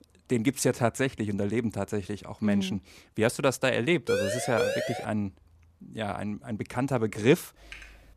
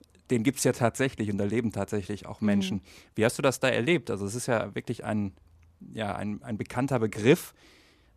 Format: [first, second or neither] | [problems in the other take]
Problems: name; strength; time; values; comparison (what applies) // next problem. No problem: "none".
second | siren; noticeable; at 4 s; peak level with the speech // keyboard typing; faint; at 7.5 s; peak 15 dB below the speech